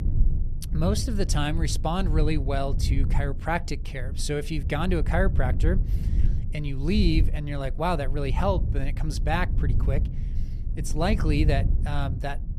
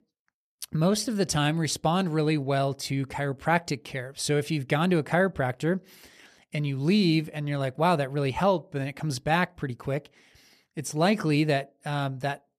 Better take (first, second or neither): second